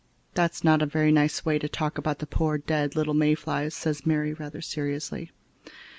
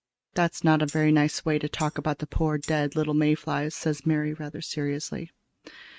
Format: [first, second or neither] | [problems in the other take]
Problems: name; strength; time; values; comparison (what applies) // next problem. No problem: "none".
first | noise reduction (neural mask model RNNoise)